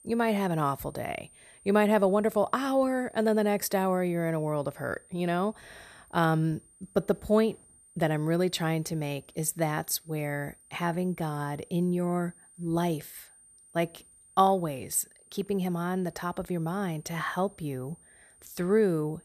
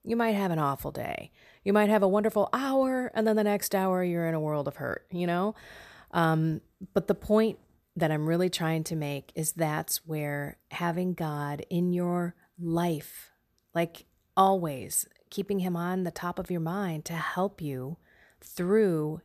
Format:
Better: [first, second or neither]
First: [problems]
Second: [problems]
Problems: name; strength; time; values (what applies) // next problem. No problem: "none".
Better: second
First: high-pitched whine; faint; throughout; 9 kHz, 25 dB below the speech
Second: none